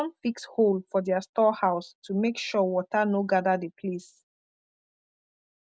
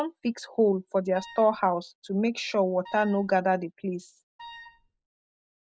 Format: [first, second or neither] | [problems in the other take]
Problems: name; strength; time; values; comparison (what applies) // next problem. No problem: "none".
first | background sound (Wind instrument, woodwind instrument); 20 dB below the speech